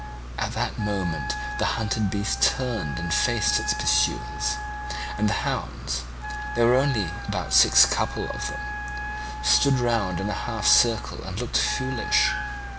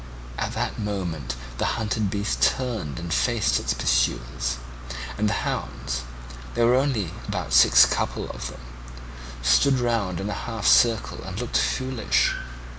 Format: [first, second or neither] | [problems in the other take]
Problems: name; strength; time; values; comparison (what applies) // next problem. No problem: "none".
second | background sound (Wind instrument, woodwind instrument); 9 dB below the speech